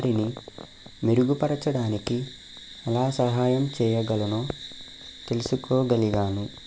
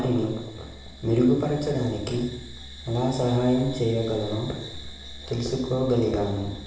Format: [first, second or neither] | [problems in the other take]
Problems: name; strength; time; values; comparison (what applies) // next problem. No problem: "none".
first | background sound (Musical instrument); 19 dB below the speech // room echo; dies away in 0.9 s